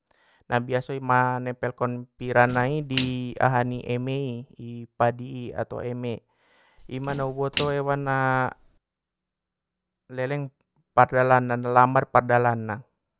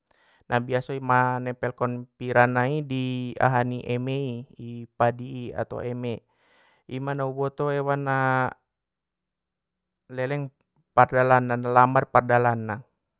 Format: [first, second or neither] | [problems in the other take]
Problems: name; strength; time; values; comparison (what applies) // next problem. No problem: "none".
second | background sound (Splash, splatter); 16 dB below the speech